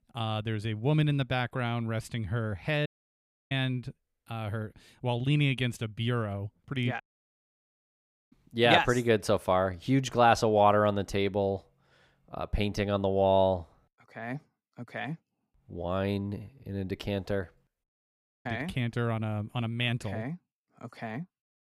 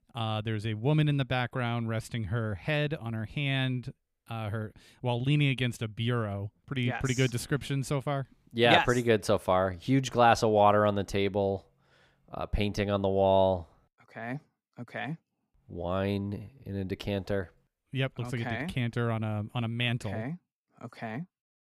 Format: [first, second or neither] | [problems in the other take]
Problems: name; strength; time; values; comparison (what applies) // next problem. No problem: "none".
second | audio cutting out; at 3 s for 0.5 s, at 7 s for 1.5 s and at 18 s for 0.5 s